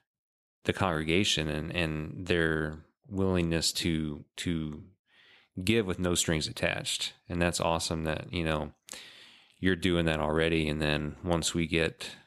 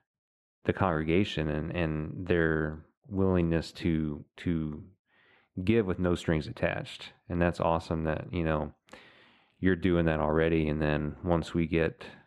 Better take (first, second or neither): first